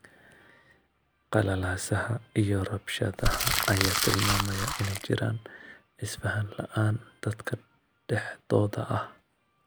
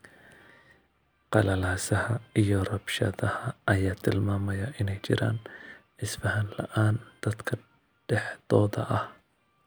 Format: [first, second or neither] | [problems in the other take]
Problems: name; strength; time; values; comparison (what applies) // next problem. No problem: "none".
second | background sound (Crumpling, crinkling); 1 dB above the speech